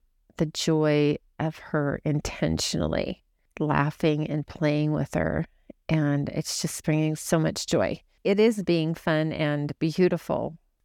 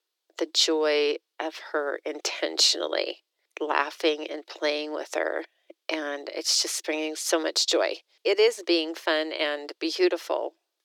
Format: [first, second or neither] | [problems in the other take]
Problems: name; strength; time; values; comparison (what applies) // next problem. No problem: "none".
first | thin; very; fading below 350 Hz